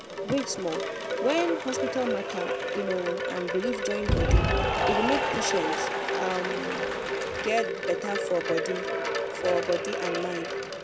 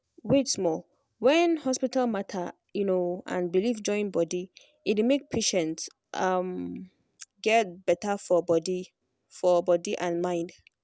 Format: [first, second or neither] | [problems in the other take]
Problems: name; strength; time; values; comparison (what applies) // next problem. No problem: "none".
second | background sound (Applause / Cheering + Wind chime); 3 dB above the speech